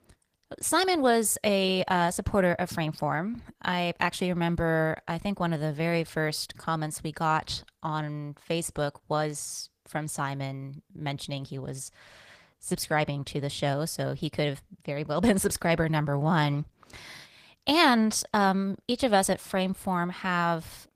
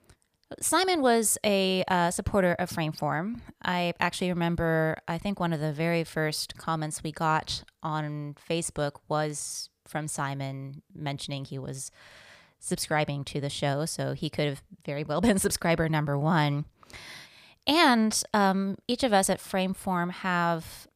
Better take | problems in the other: second | garbled, watery; slightly

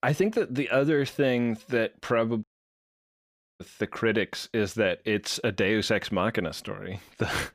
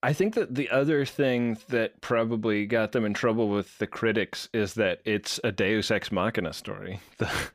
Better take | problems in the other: second | audio cutting out; at 2.5 s for 1 s

